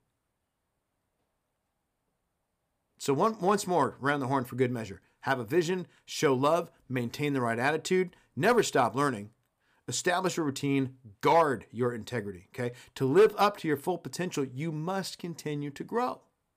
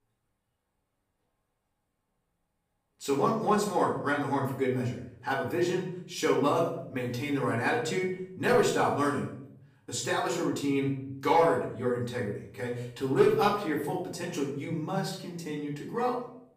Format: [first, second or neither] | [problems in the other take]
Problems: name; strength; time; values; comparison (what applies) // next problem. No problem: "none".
first | room echo; noticeable; dies away in 0.6 s // off-mic speech; far